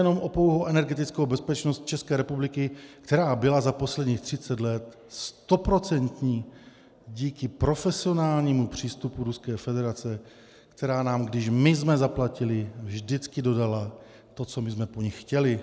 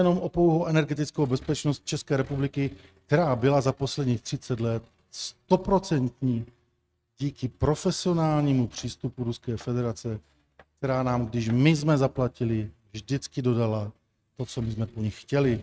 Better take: first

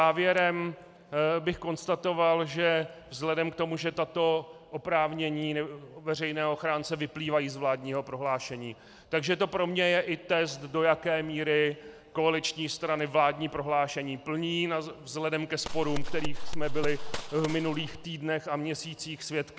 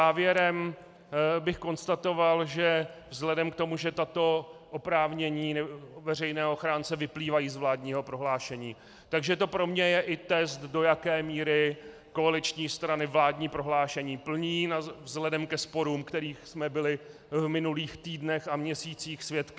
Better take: second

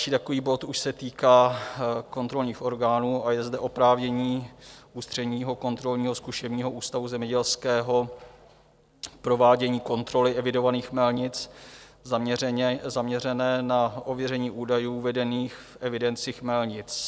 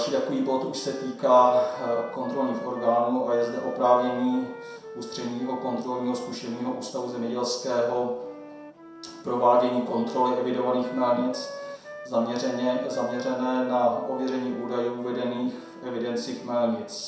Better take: first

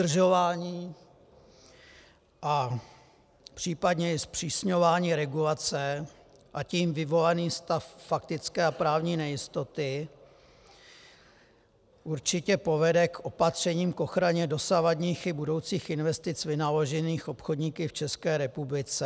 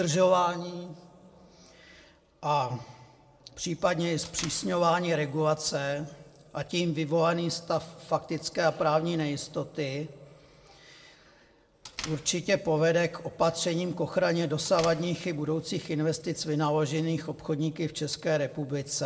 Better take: first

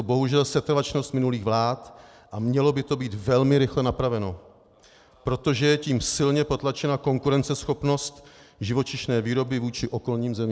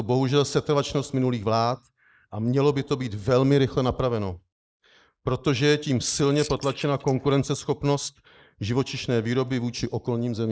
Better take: first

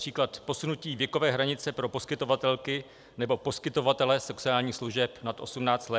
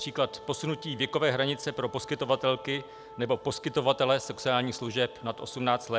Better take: first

